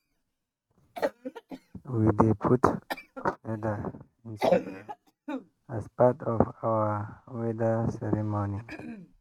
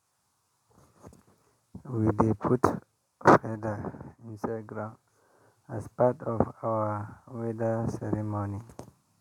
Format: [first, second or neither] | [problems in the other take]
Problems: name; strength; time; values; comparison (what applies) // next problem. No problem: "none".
second | noise reduction (neural mask model RNNoise)